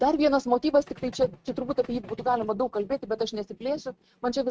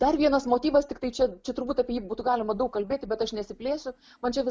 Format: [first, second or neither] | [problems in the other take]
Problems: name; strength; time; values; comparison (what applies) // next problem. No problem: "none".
second | noise reduction (neural mask model RNNoise)